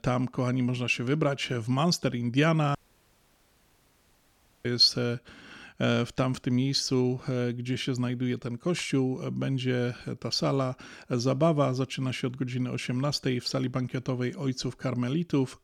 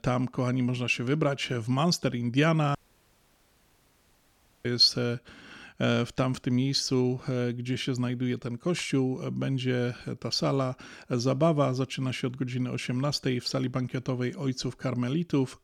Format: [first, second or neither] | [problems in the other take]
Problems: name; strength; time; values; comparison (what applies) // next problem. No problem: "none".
neither | audio cutting out; at 3 s for 2 s; the same in both